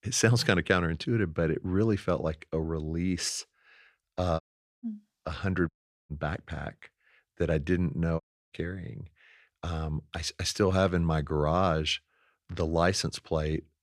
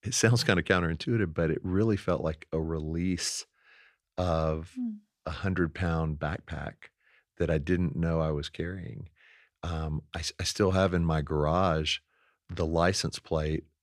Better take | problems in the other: second | audio cutting out; at 4.5 s, at 5.5 s and at 8 s

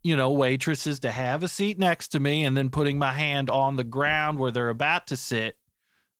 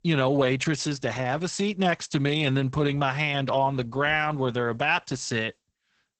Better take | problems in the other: first | garbled, watery; badly; nothing above 8 kHz; slightly in the first

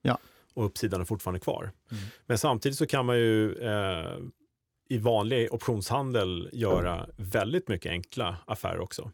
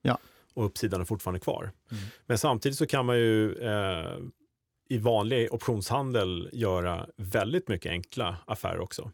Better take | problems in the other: second | door banging; noticeable; at 6.5 s; peak 4 dB below the speech

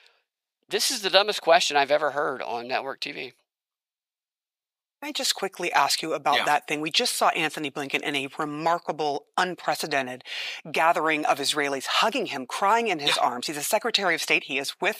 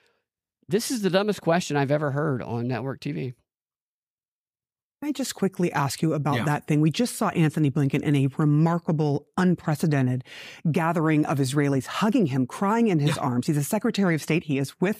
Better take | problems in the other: second | thin; very; fading below 650 Hz

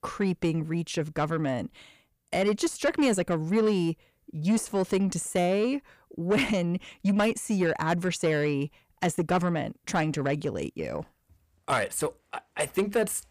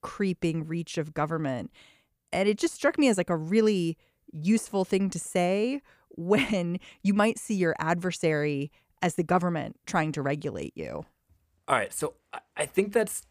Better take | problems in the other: second | distortion; slight; 10 dB below the speech

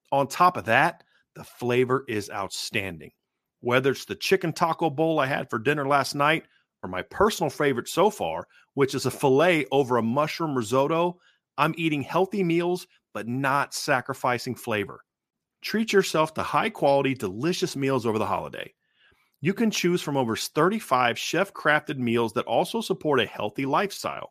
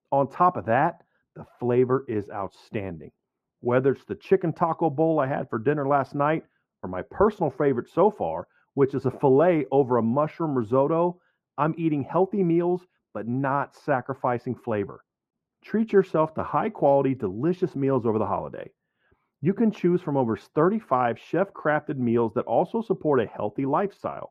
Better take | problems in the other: first | muffled; very; fading above 2.5 kHz

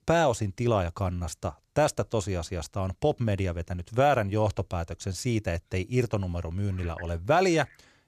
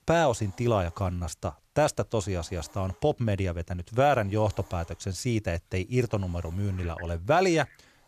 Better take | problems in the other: first | hiss; faint; throughout; 30 dB below the speech

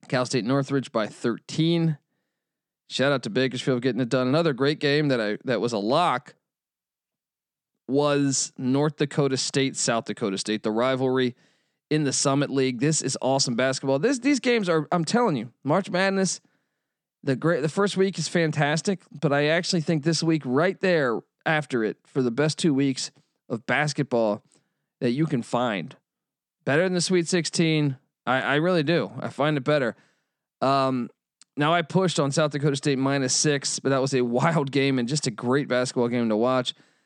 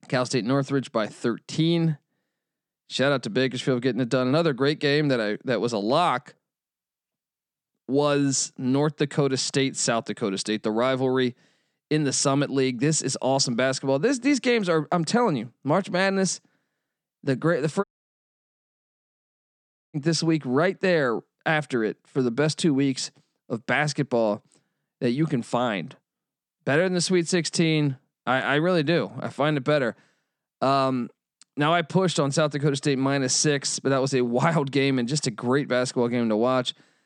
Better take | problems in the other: first | audio cutting out; at 18 s for 2 s

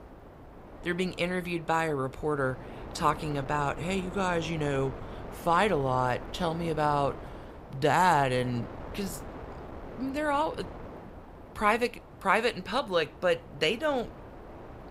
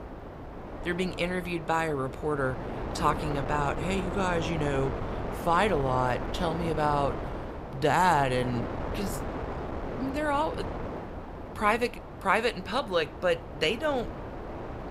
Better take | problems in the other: first | wind noise on the microphone; heavy; 10 dB below the speech; occasional gusts in the first

